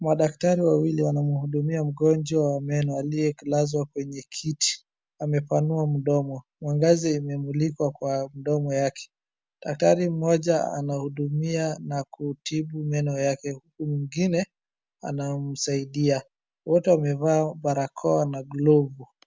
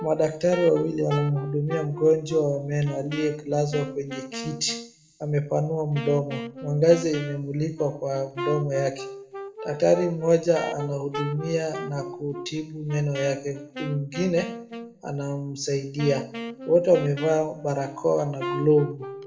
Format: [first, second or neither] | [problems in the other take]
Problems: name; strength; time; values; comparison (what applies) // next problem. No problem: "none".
first | background sound (Wind instrument, woodwind instrument); 11 dB below the speech // room echo; dies away in 0.6 s